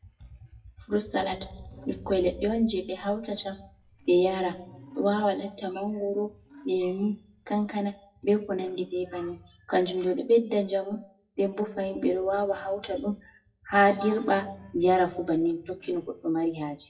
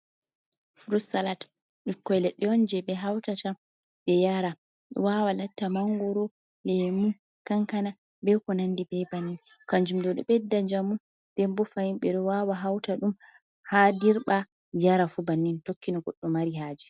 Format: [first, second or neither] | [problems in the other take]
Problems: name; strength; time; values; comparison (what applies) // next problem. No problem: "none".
second | noise reduction (classical method WPE with log-MMSE)